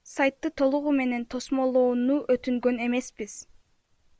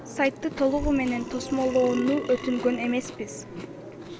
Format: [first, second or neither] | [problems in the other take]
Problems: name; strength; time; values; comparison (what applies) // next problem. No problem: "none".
first | background sound (Chewing, mastication + Burping, eructation); 9 dB below the speech